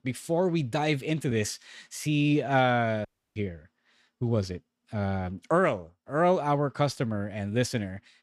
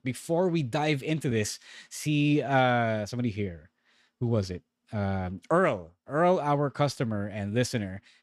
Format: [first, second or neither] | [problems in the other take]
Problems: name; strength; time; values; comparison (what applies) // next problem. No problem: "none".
second | audio cutting out; at 3 s